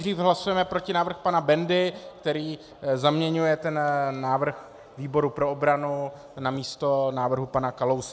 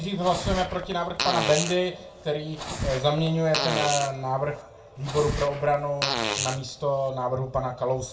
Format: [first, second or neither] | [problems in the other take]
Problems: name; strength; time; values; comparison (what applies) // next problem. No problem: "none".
first | background sound (Fart); 5 dB below the speech // room echo; dies away in 0.2 s